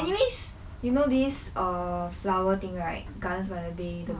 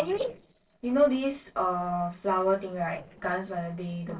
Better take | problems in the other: first | noise reduction (neural separator model SepFormer DNS4)

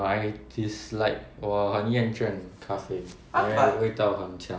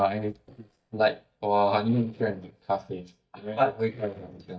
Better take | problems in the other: first | noise reduction (neural mask model DeepFilterNet 3)

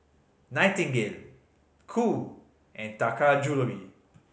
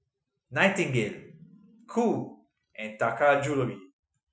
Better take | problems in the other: first | noise reduction (classical method Wiener filter)

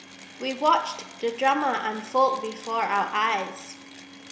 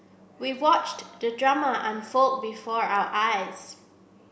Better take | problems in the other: second | background sound (Mechanisms + Domestic sounds, home sounds); 19 dB below the speech

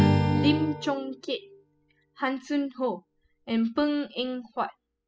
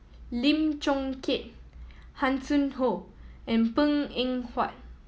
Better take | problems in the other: second | noise reduction (classical method spectral subtraction)

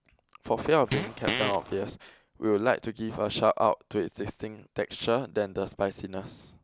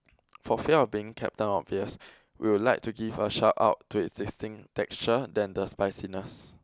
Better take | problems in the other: second | background sound (Fart); 3 dB below the speech

